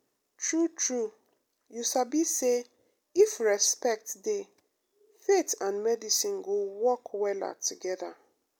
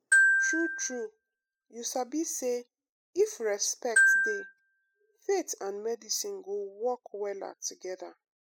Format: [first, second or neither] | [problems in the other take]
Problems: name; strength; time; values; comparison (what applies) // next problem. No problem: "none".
first | noise reduction (classical method spectral subtraction)